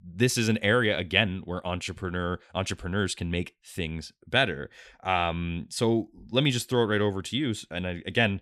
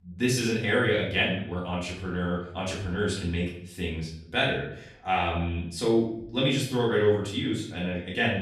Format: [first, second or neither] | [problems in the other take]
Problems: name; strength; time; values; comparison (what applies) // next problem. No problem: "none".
first | off-mic speech; far // room echo; noticeable; dies away in 0.6 s